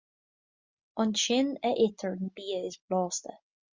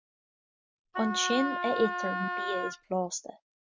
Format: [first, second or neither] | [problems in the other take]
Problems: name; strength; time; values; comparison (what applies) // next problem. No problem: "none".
first | background sound (Wind instrument, woodwind instrument); 1 dB below the speech